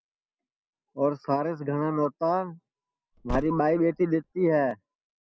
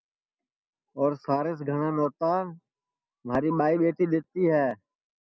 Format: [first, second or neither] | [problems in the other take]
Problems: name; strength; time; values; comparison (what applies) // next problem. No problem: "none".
second | background sound (Car); 11 dB below the speech